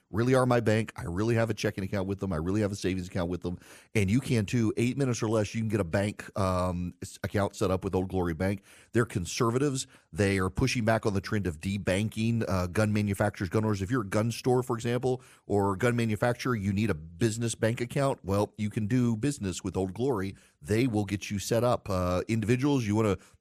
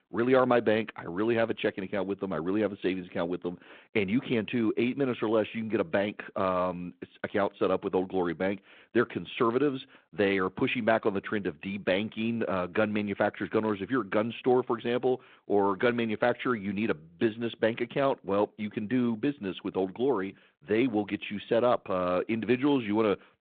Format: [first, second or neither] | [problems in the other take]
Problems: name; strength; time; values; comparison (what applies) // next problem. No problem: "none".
first | phone-call audio; nothing above 4 kHz